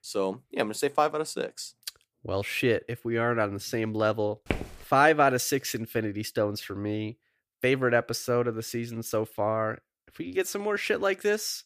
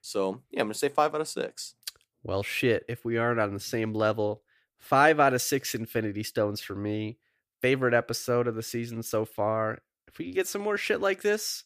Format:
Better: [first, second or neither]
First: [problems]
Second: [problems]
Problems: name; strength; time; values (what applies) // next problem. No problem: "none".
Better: second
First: footsteps; noticeable; at 4.5 s; peak 6 dB below the speech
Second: none